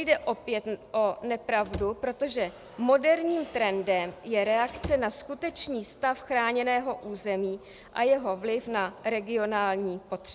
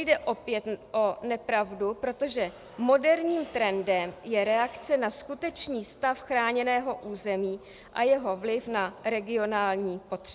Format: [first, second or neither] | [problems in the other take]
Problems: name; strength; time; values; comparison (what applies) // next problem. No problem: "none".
second | background sound (Slam / Wood); 12 dB below the speech